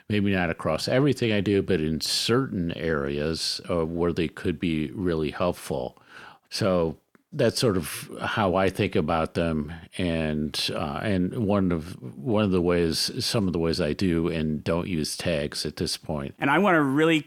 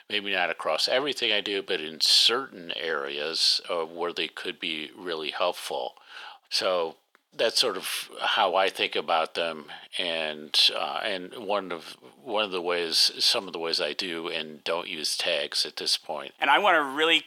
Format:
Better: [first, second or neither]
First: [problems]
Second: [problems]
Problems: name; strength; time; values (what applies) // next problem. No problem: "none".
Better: first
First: none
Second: thin; very; fading below 650 Hz